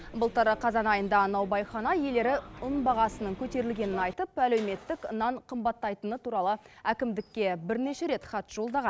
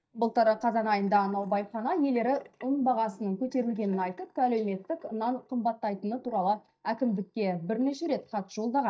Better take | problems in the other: first | noise reduction (neural mask model DeepFilterNet 3)

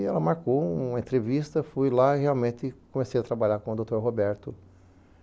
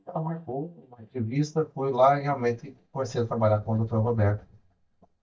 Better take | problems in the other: first | noise reduction (neural mask model DeepFilterNet 3)

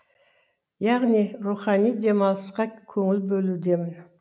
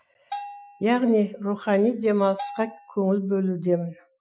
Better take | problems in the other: first | noise reduction (classical method Wiener filter)

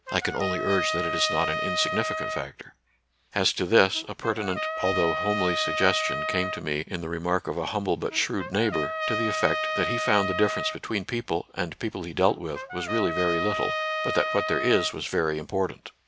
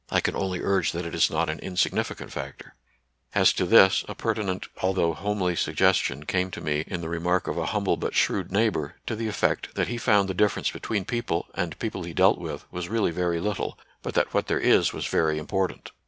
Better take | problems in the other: second | background sound (Trumpet); 4 dB below the speech

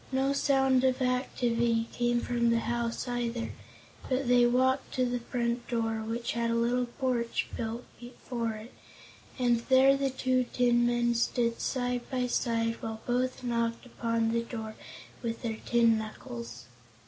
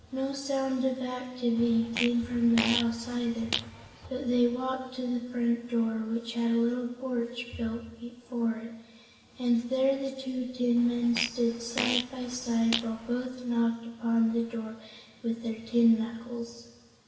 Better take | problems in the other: first | background sound (Fart); 7 dB below the speech // room echo; dies away in 1.2 s

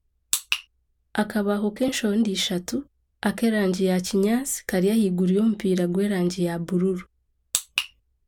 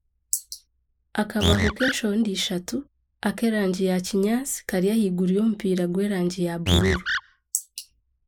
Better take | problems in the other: first | noise reduction (neural mask model Resemble Enhance denoiser)

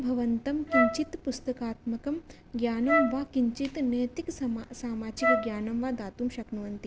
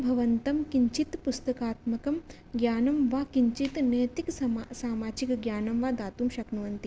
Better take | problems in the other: second | background sound (Wind instrument, woodwind instrument); 1 dB above the speech

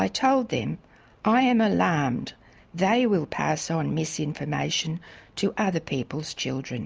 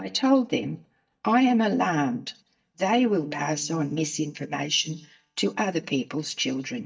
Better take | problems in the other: first | noise reduction (neural mask model DeepFilterNet 3)

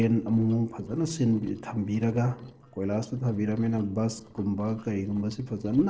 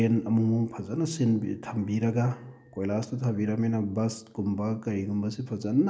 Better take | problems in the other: second | noise reduction (neural separator model SepFormer DNS4)

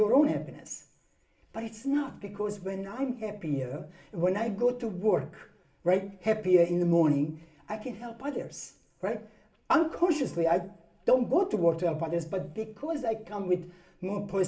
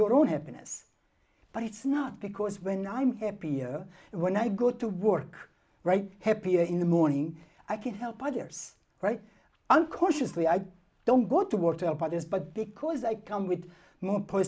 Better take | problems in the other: second | room echo; dies away in 0.4 s

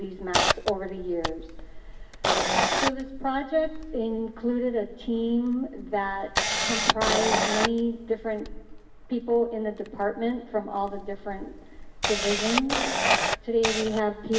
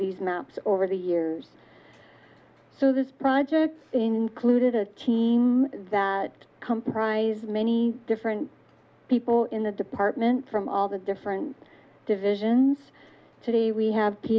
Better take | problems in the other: second | background sound (Camera); 1 dB below the speech // room echo; dies away in 1 s

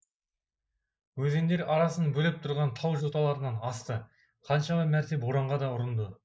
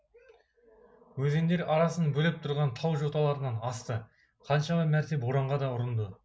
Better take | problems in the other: second | noise reduction (neural mask model Resemble Enhance denoiser)

